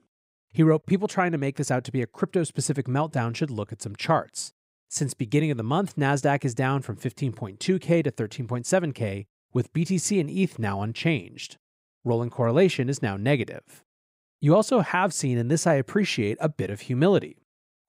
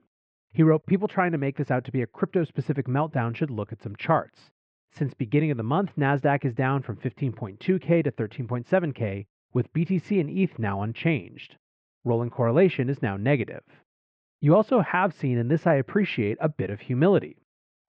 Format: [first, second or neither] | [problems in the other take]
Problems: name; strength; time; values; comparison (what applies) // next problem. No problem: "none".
first | muffled; very; fading above 3 kHz